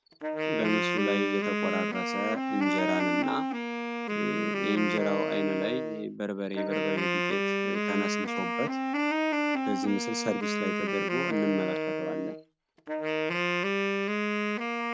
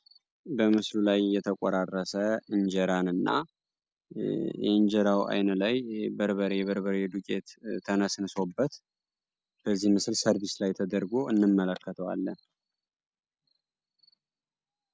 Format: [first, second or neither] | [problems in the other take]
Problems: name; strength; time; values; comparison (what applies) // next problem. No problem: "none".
second | background sound (Wind instrument, woodwind instrument); 4 dB above the speech